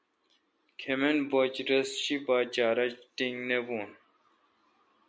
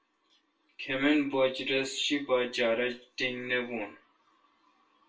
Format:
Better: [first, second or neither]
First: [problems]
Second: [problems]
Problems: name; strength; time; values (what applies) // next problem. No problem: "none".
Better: first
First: none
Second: room echo; dies away in 0.2 s